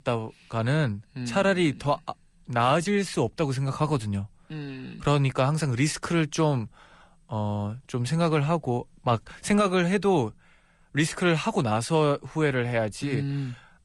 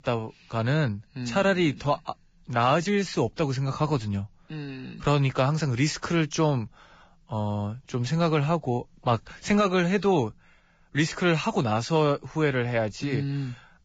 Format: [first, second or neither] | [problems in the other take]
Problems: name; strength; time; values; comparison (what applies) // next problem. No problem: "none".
first | garbled, watery; badly; nothing above 7.5 kHz; slightly in the first